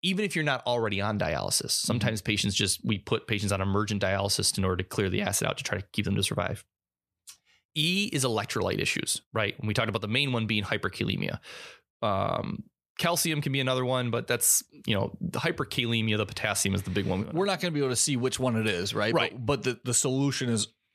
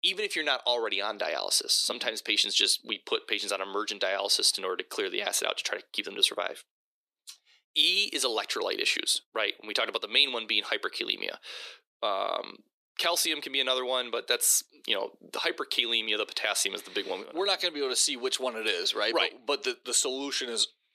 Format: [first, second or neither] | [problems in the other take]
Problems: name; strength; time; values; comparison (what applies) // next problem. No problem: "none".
first | thin; very; fading below 350 Hz